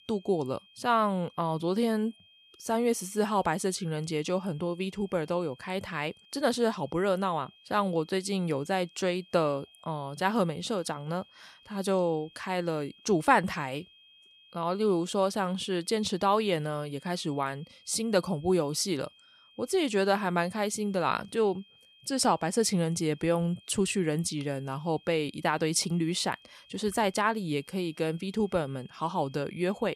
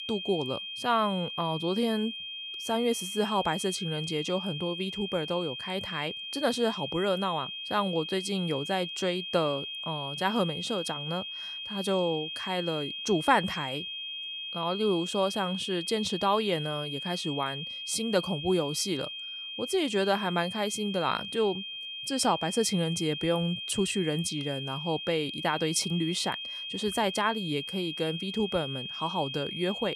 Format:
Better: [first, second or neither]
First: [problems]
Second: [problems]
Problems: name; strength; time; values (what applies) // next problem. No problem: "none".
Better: first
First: high-pitched whine; faint; throughout; 3 kHz, 25 dB below the speech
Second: high-pitched whine; loud; throughout; 3 kHz, 5 dB below the speech